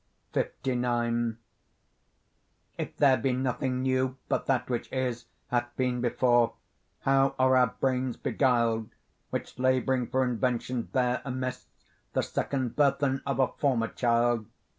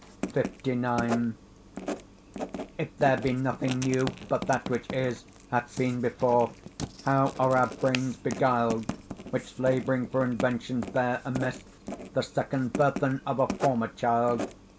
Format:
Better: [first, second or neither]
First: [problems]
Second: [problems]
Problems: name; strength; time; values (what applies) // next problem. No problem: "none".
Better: first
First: none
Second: background sound (Writing); 10 dB below the speech